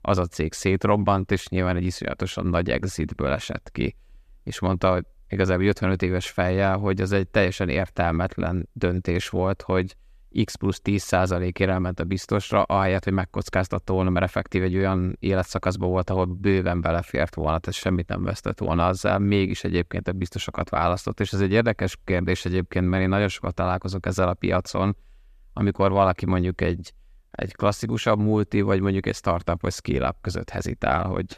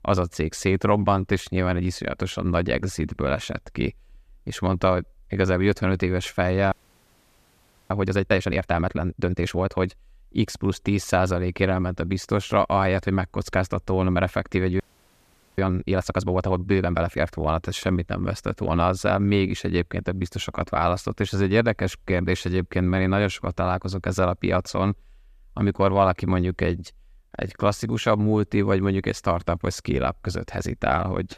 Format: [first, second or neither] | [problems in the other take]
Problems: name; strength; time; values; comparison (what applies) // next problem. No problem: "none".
first | audio freezing; at 6.5 s for 1 s and at 15 s for 1 s